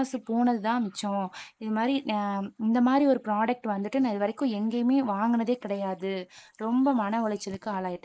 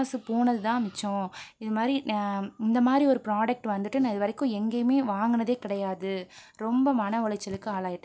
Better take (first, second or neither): second